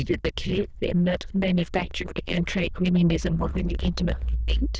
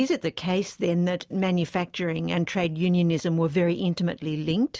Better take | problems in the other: second | noise reduction (neural diffusion model UNIVERSE++)

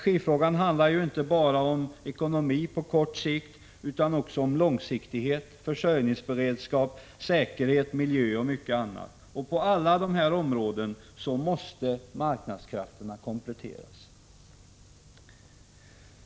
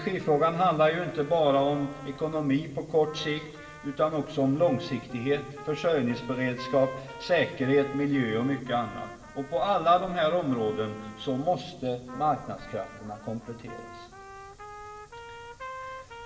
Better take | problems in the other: first | background sound (Trumpet); 17 dB below the speech // room echo; dies away in 1.9 s

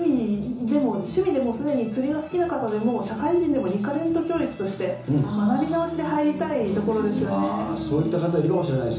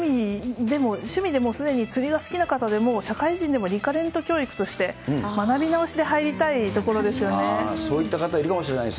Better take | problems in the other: second | room echo; dies away in 0.7 s

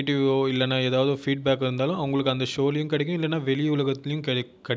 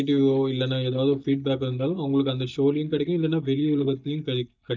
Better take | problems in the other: first | noise reduction (neural mask model DeepFilterNet 3)

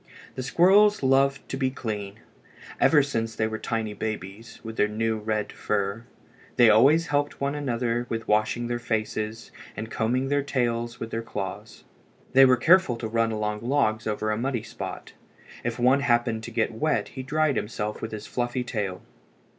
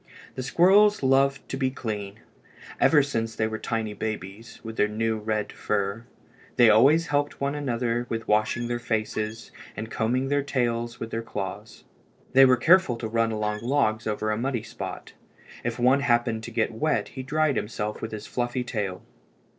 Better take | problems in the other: first | noise reduction (neural separator model SepFormer DNS4)

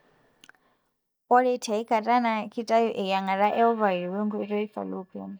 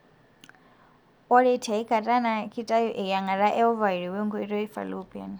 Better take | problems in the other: second | noise reduction (neural mask model DeepFilterNet 3)

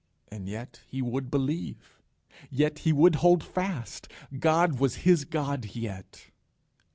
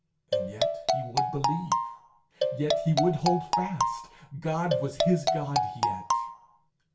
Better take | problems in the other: first | background sound (Marimba, xylophone); 3 dB above the speech // room echo; dies away in 0.2 s

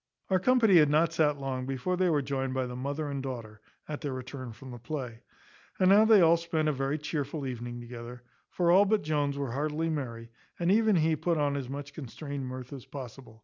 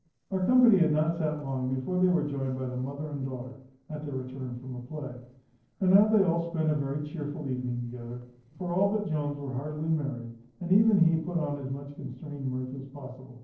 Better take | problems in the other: first | noise reduction (neural separator model SepFormer DNS4)

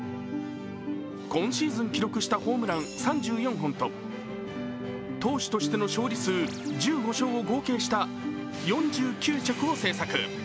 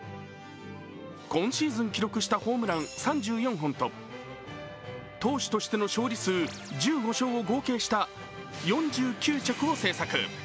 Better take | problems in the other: second | background sound (Guitar); 6 dB below the speech

